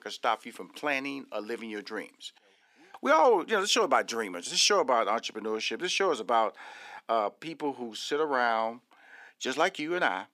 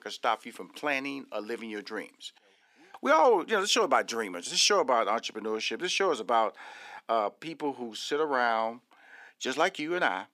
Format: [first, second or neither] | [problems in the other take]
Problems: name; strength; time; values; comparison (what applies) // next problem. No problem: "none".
neither | thin; somewhat; fading below 350 Hz; the same in both